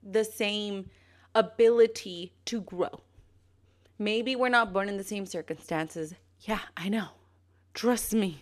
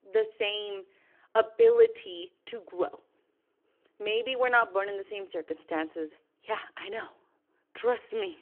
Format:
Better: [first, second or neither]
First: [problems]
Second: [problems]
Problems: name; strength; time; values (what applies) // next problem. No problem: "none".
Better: first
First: none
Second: phone-call audio; nothing above 3 kHz